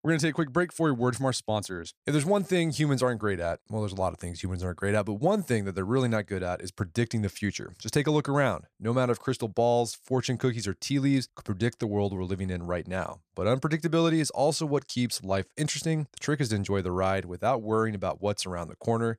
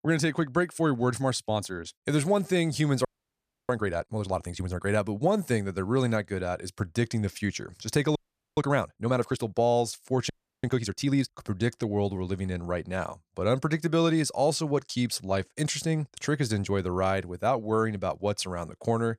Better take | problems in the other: first | audio freezing; at 3 s for 0.5 s, at 8 s and at 10 s

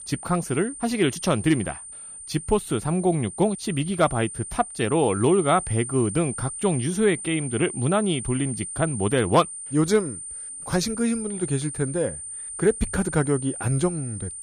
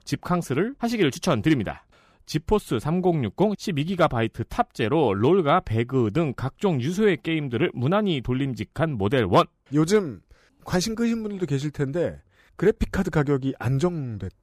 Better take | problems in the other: second | high-pitched whine; loud; throughout; 9 kHz, 9 dB below the speech

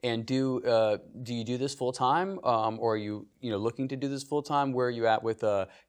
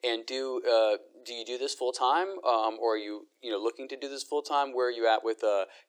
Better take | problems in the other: first | thin; very; fading below 350 Hz

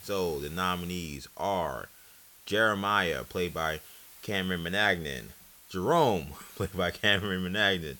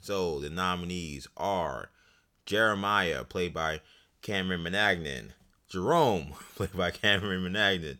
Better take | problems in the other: second | hiss; faint; throughout; 20 dB below the speech

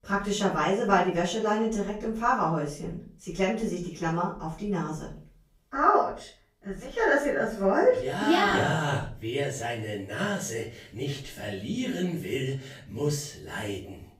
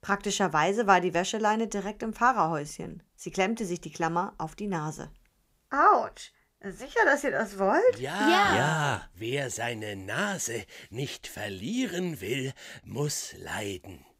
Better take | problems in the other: second | off-mic speech; far // room echo; slight; dies away in 0.4 s

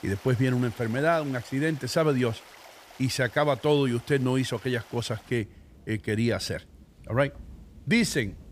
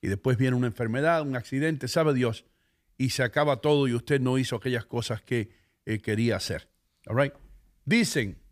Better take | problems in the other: second | rain or running water; faint; throughout; 20 dB below the speech

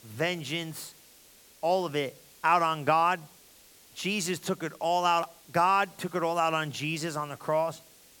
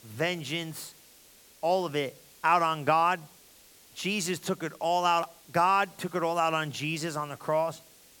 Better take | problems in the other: neither | hiss; faint; throughout; 25 dB below the speech; the same in both

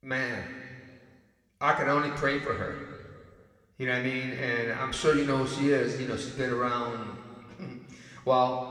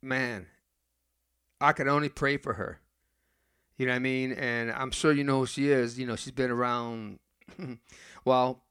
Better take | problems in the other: second | room echo; noticeable; dies away in 2.2 s // off-mic speech; somewhat distant

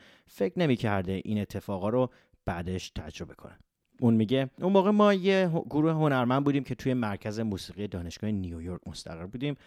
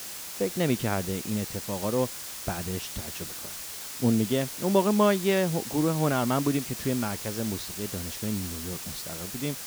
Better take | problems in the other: first | hiss; loud; throughout; 7 dB below the speech

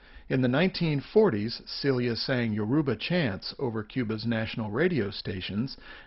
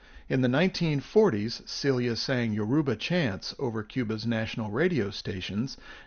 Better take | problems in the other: second | garbled, watery; badly; nothing above 5.5 kHz; slightly in the second

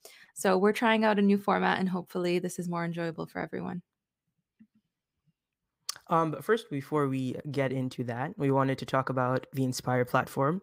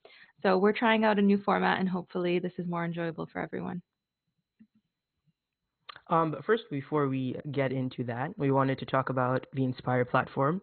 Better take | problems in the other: first | garbled, watery; badly; nothing above 4 kHz

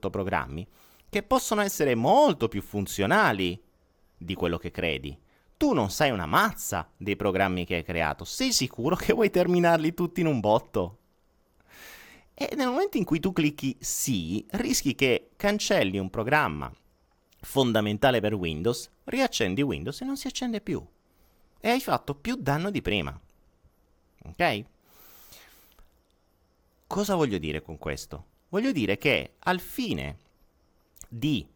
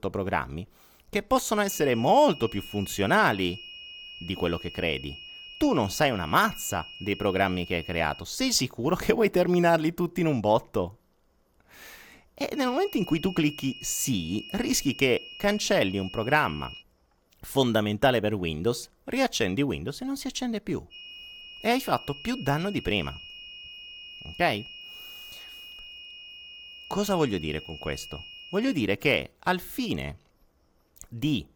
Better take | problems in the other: first | high-pitched whine; noticeable; from 1.5 to 8 s, from 13 to 17 s and from 21 to 29 s; 3 kHz, 15 dB below the speech

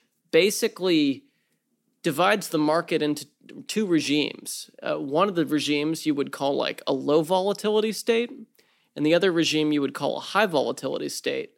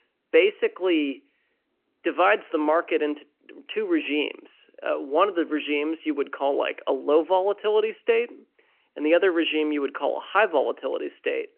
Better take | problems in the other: first | phone-call audio; nothing above 3 kHz

